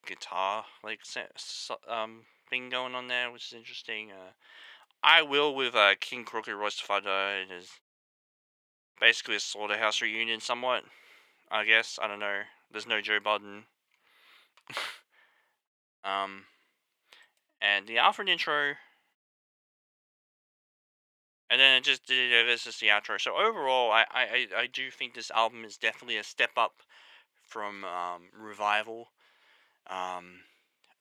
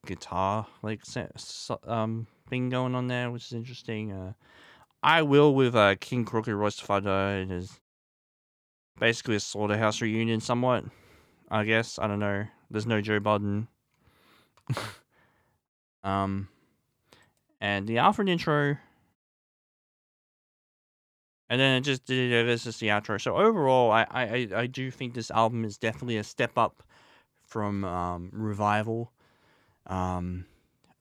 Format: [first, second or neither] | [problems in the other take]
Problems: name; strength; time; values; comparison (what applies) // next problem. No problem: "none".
second | thin; very; fading below 600 Hz